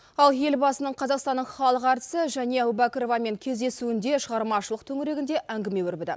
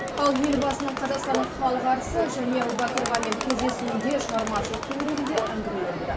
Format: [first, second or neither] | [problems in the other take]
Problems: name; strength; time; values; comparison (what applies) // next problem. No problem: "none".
first | background sound (Crowd); 3 dB below the speech // room echo; dies away in 0.3 s